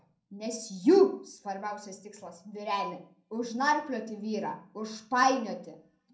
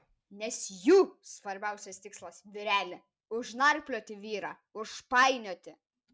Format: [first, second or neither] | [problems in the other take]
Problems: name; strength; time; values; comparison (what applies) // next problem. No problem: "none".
second | room echo; dies away in 0.5 s